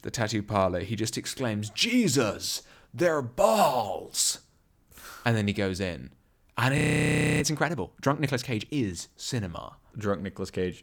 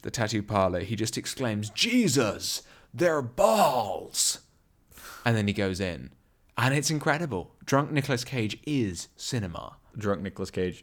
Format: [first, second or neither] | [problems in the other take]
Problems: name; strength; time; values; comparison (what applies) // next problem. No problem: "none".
second | audio freezing; at 7 s for 0.5 s